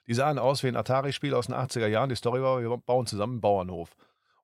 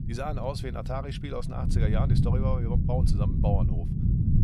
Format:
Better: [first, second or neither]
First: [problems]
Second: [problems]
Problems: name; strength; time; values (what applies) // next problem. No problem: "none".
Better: first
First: none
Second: low rumble; loud; throughout; 4 dB below the speech